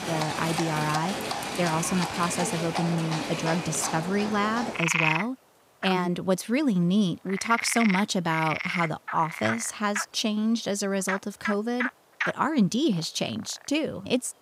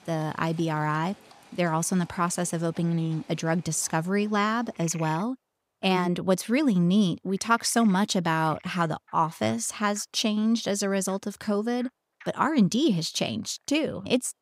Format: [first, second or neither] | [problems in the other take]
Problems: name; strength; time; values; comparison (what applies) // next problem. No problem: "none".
second | animal sounds; loud; throughout; 4 dB below the speech; faint in the second